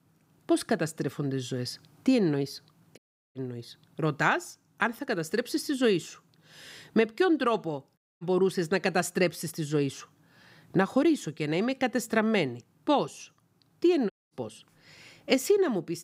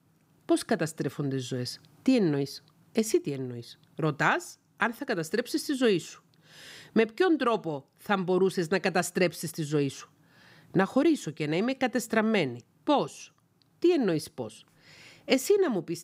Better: second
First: audio cutting out; at 3 s, at 8 s and at 14 s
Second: none

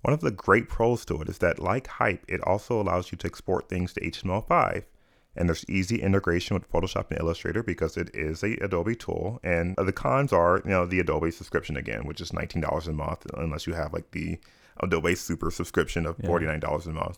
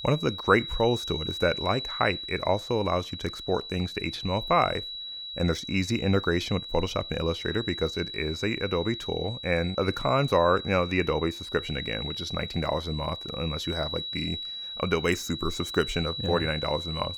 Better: first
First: none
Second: high-pitched whine; loud; throughout; 4 kHz, 7 dB below the speech

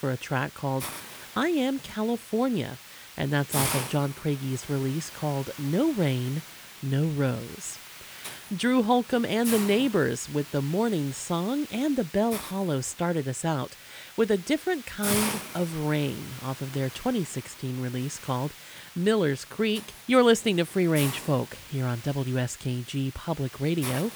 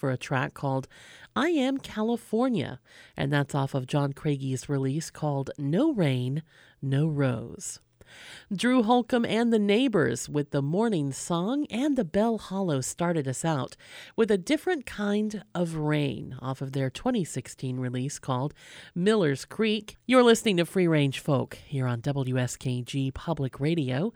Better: second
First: hiss; noticeable; throughout; 10 dB below the speech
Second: none

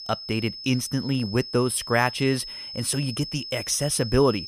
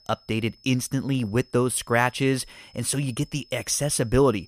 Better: second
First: high-pitched whine; loud; throughout; 5 kHz, 10 dB below the speech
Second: high-pitched whine; faint; throughout; 5 kHz, 30 dB below the speech

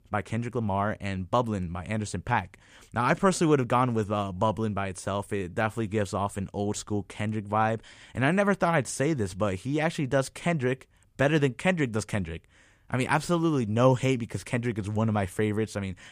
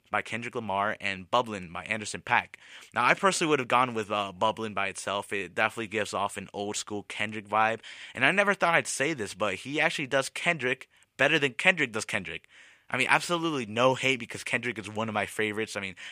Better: first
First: none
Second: thin; somewhat; fading below 1 kHz

